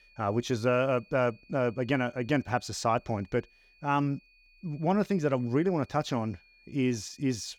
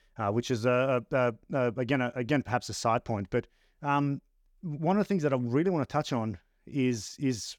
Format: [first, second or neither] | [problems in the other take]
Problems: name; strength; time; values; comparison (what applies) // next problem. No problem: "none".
second | high-pitched whine; faint; throughout; 2.5 kHz, 30 dB below the speech